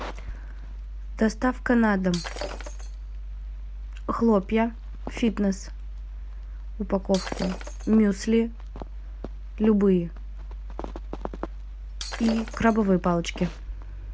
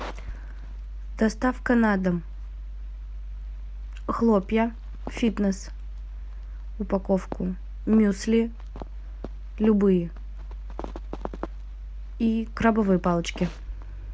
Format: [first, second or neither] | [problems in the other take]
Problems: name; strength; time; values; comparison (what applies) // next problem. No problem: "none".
second | background sound (Shatter); 13 dB below the speech